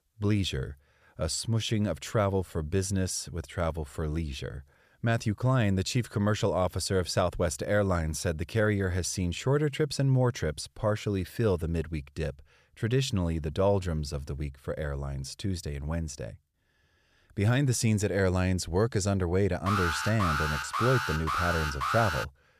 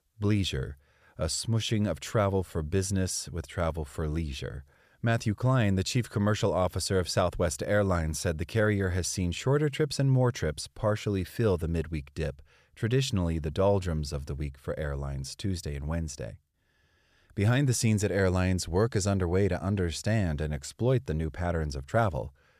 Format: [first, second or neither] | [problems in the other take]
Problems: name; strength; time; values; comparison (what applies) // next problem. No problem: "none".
second | alarm; loud; from 20 s on; peak level with the speech